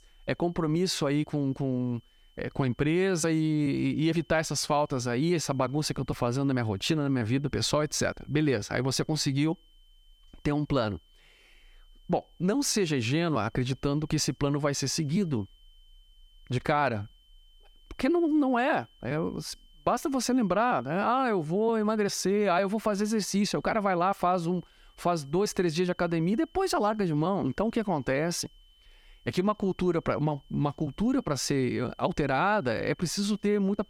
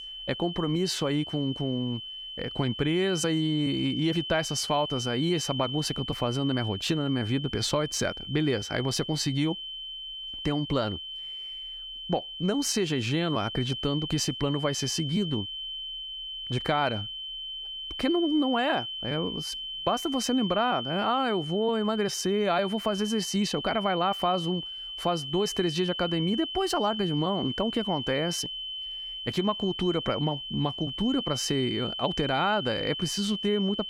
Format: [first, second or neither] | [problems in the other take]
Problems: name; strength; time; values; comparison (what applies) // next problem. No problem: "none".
first | high-pitched whine; loud; throughout; 3 kHz, 6 dB below the speech; faint in the first